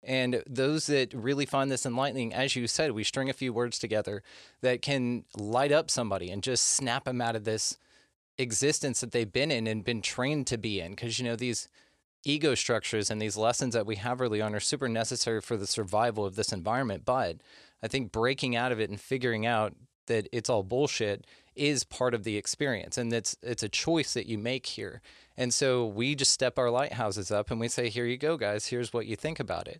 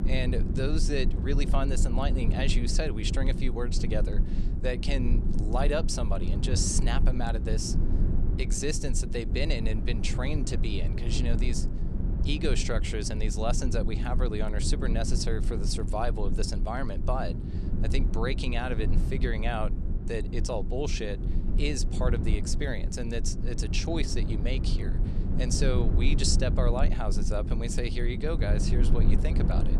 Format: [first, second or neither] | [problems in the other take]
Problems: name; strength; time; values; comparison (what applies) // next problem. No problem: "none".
first | low rumble; loud; throughout; 8 dB below the speech